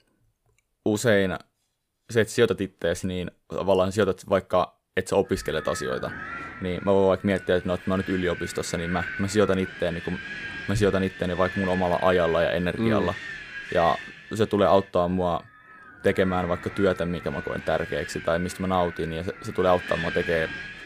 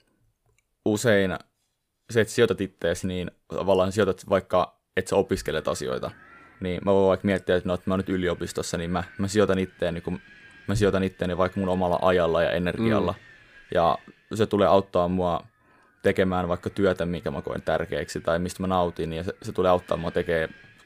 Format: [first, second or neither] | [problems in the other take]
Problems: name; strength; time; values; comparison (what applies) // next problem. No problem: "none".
second | wind noise on the microphone; heavy; from 5.5 s on; 9 dB below the speech; occasional gusts in the second